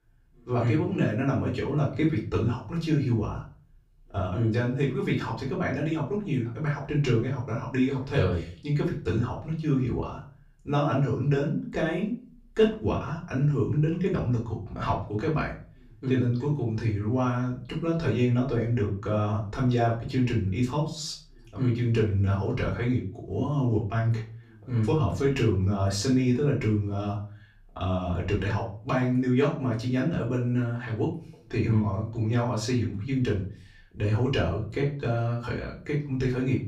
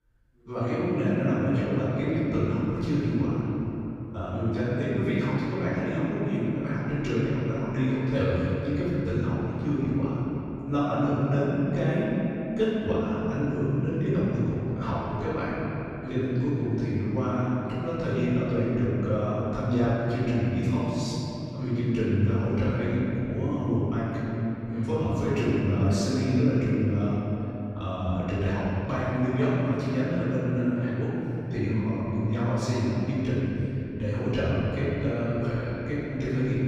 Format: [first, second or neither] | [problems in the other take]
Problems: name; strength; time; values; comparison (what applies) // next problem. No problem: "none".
first | room echo; strong; dies away in 3 s; slight in the first // off-mic speech; far; far in the first